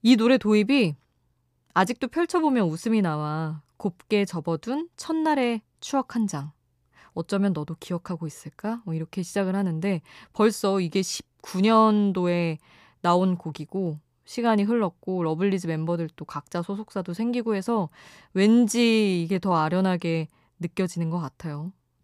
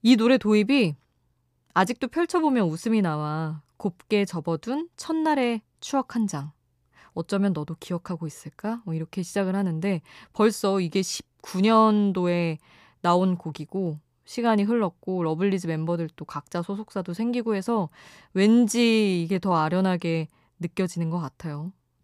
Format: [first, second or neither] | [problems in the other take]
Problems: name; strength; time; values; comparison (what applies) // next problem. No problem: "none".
neither | none